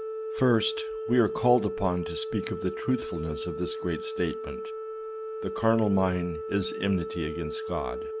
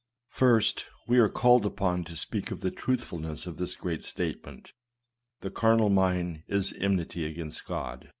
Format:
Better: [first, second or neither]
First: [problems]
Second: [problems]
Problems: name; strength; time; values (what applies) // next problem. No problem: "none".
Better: second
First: background sound (Organ); 6 dB below the speech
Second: none